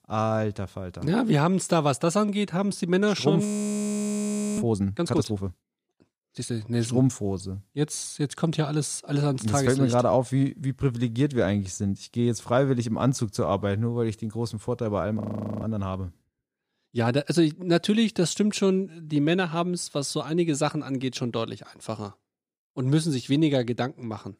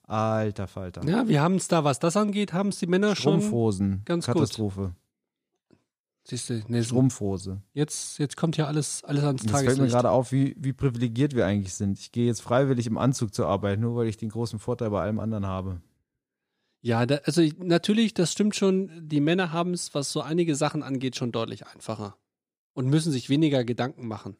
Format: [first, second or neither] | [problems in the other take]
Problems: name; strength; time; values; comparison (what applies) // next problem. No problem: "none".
second | audio freezing; at 3.5 s for 1 s and at 15 s